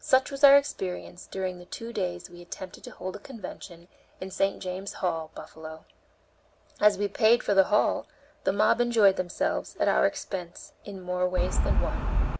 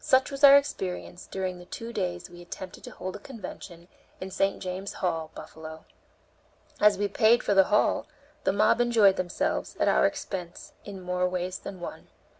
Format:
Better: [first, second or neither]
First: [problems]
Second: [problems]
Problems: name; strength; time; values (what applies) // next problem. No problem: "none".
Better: second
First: background sound (Wind); 3 dB above the speech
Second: none